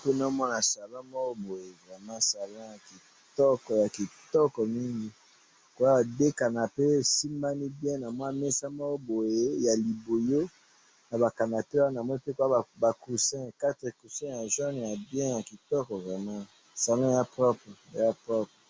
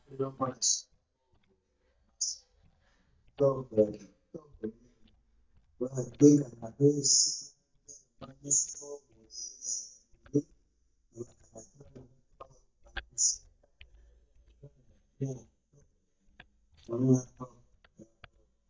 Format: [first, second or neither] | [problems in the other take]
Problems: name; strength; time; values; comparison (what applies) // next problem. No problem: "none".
first | noise reduction (neural mask model DeepFilterNet 3)